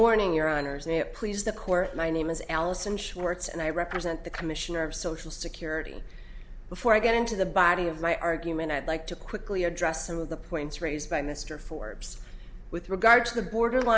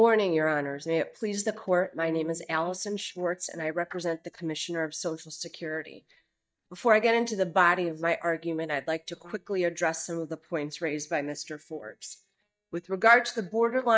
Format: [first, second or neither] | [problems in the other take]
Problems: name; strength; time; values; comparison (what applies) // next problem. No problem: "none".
first | noise reduction (neural mask model DeepFilterNet 3)